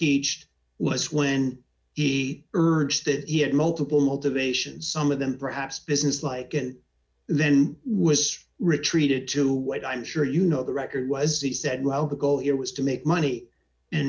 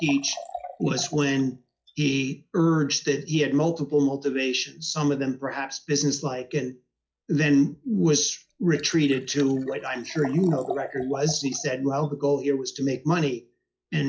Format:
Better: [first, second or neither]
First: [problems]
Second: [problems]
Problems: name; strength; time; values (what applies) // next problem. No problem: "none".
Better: first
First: none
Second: noise reduction (classical method log-MMSE)